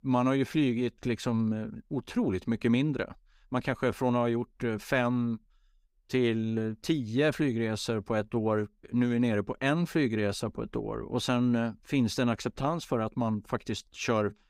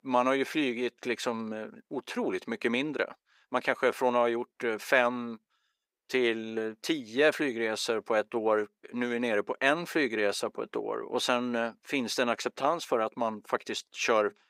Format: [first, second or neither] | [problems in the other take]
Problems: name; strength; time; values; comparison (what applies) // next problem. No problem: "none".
first | thin; somewhat; fading below 450 Hz